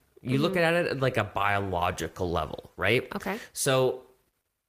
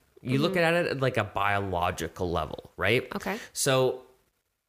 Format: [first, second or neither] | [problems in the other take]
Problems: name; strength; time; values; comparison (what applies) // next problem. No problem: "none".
second | garbled, watery; slightly; nothing above 15 kHz